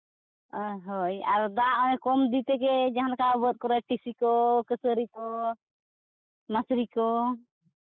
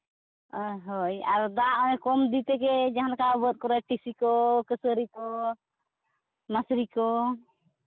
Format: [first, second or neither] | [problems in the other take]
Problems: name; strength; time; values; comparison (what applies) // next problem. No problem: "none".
second | noise reduction (neural mask model Resemble Enhance denoiser)